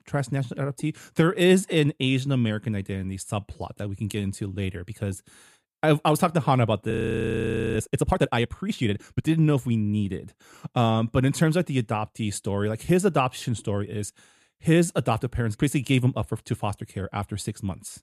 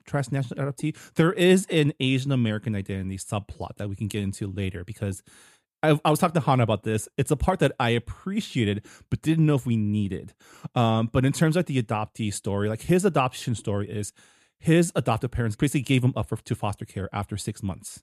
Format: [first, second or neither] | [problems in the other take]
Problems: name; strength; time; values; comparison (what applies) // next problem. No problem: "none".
second | audio freezing; at 7 s for 1 s